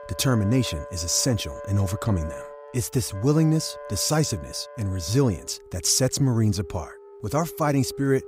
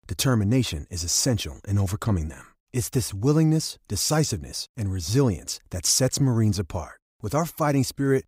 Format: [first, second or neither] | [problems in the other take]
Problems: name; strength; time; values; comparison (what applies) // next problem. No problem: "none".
second | background music; noticeable; throughout; 15 dB below the speech